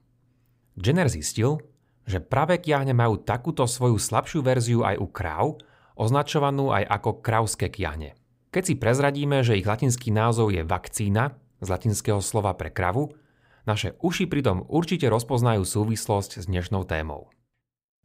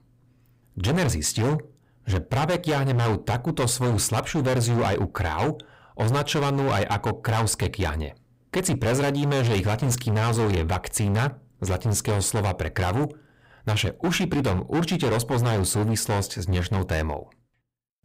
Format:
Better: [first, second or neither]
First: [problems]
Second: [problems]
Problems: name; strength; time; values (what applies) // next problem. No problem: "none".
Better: first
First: none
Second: distortion; heavy; 22% of the sound clipped